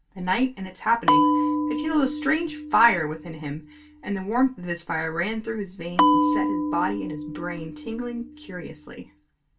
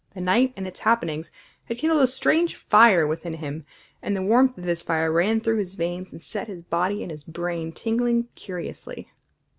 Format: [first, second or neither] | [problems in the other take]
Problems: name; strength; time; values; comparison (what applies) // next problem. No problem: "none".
second | background sound (Bell); 1 dB above the speech // room echo; dies away in 0.2 s